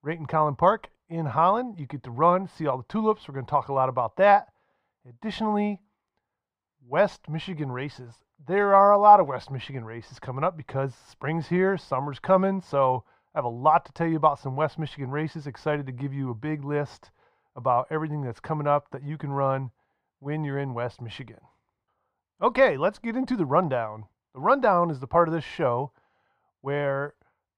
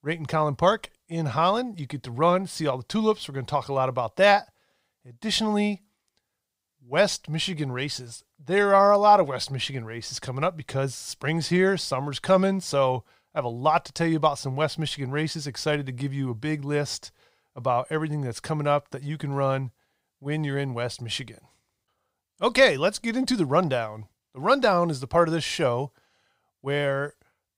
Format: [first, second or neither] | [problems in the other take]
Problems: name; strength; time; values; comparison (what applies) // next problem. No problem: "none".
second | muffled; very; fading above 3.5 kHz